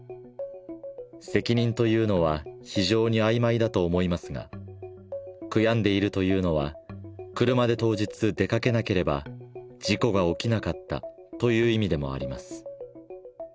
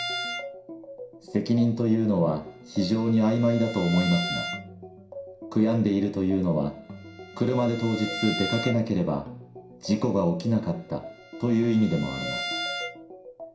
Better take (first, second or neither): first